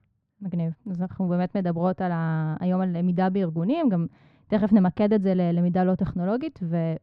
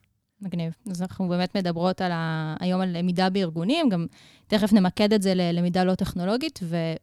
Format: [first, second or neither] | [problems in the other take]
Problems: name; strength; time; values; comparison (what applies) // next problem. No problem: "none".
second | muffled; very; fading above 1.5 kHz